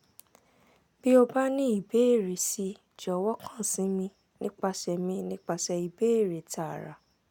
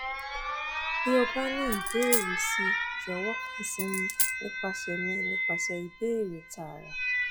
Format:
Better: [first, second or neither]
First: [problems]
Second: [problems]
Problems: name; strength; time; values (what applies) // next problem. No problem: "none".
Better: first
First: none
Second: noise reduction (classical method log-MMSE)